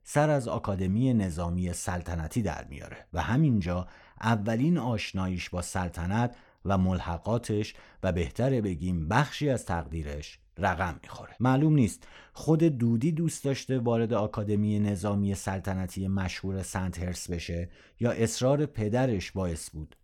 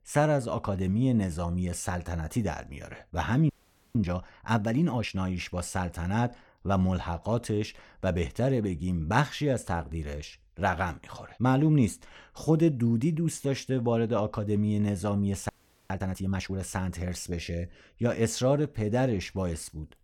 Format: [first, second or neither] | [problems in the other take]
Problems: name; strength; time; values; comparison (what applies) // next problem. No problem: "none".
first | audio freezing; at 3.5 s and at 15 s